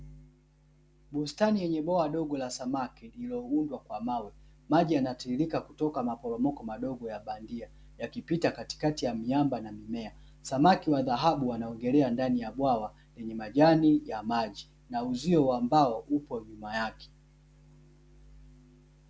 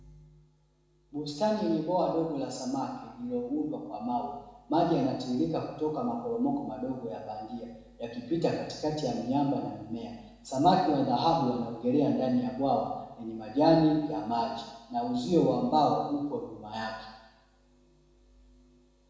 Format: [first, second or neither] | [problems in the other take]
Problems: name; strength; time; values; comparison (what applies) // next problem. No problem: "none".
first | room echo; dies away in 1 s